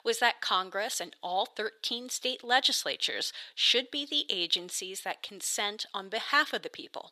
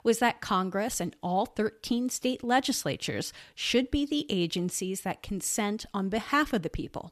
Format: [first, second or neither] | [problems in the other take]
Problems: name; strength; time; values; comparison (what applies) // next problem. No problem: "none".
second | thin; very; fading below 550 Hz